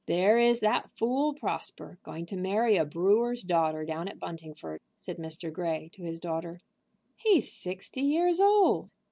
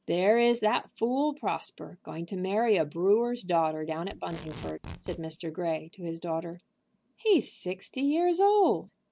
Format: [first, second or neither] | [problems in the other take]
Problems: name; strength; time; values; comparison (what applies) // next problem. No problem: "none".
first | background sound (Packing tape, duct tape); 15 dB below the speech